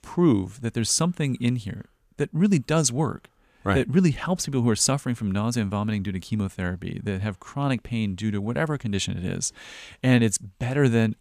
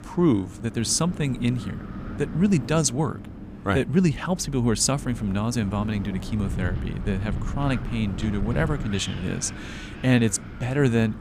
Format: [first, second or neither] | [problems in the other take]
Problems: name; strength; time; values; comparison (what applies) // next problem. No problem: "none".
first | wind noise on the microphone; occasional gusts; 15 dB below the speech